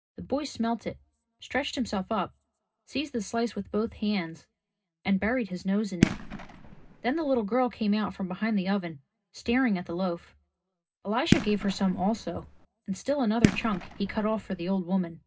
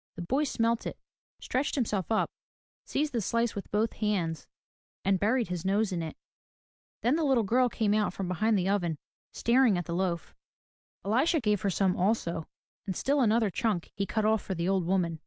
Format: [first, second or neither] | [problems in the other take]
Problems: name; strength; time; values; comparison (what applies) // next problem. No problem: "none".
second | background sound (Fireworks); 1 dB below the speech // room echo; dies away in 0.2 s